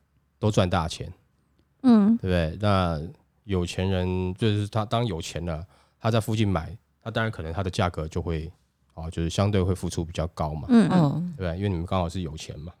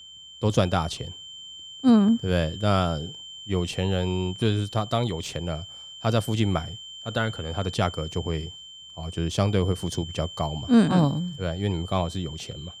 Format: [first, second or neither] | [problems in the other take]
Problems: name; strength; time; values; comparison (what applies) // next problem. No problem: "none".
first | high-pitched whine; noticeable; throughout; 3 kHz, 15 dB below the speech